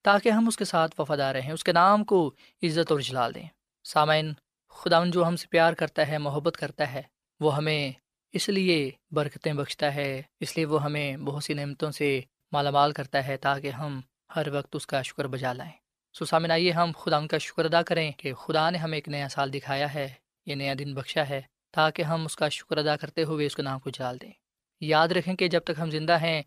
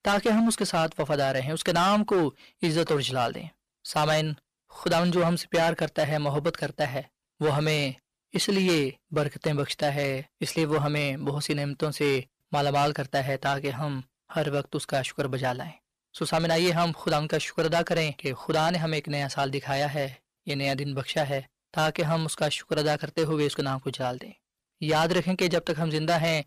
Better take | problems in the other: first | distortion; heavy; 8% of the sound clipped

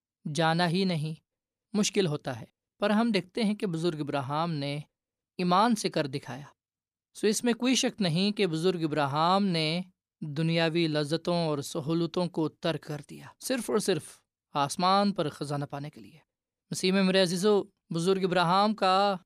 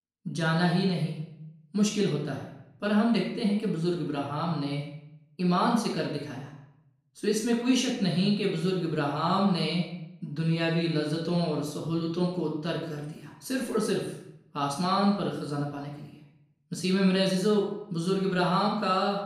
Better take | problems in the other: first | off-mic speech; far // room echo; noticeable; dies away in 0.6 s

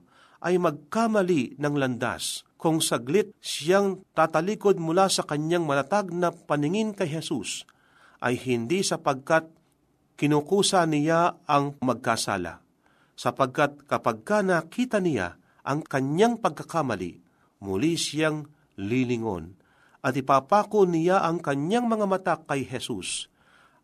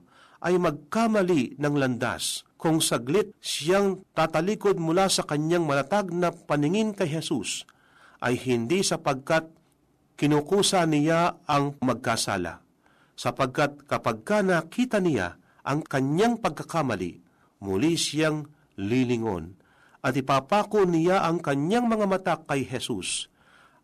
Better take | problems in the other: first | distortion; slight; 5% of the sound clipped

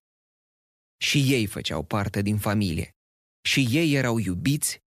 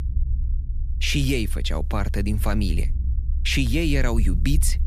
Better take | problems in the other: first | low rumble; noticeable; throughout; 20 dB below the speech

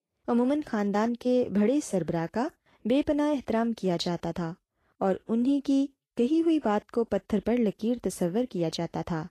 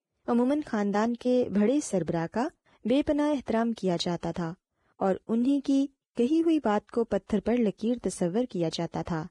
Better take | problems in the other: first | garbled, watery; badly; nothing above 10 kHz; slightly in the first

